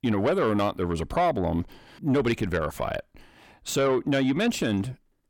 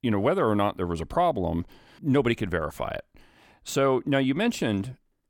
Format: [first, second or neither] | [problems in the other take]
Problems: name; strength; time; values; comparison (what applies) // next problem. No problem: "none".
second | distortion; slight; 10 dB below the speech